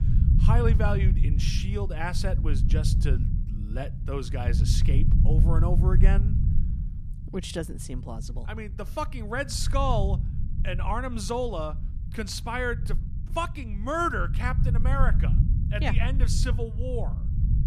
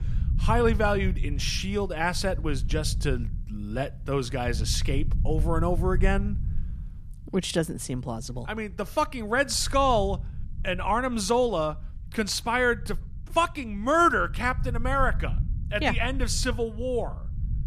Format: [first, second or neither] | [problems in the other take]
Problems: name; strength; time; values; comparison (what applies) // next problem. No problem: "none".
second | low rumble; loud; throughout; 9 dB below the speech; faint in the second